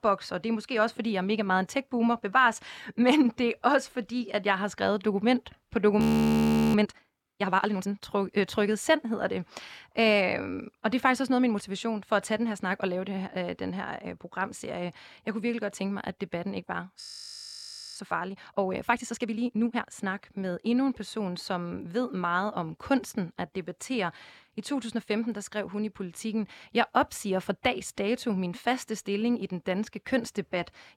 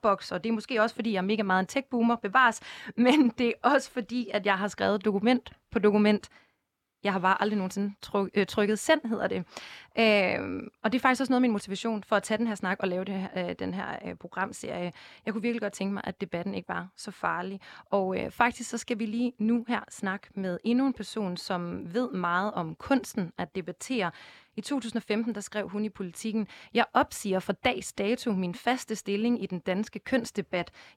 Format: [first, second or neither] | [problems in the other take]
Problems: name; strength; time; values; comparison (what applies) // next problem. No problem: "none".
second | audio freezing; at 6 s for 0.5 s and at 17 s for 1 s